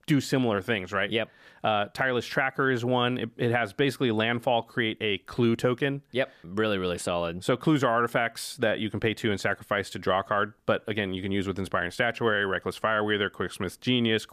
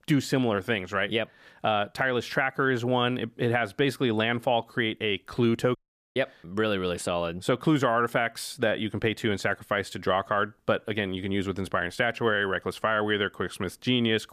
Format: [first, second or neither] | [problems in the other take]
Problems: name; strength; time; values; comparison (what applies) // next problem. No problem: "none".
first | audio cutting out; at 6 s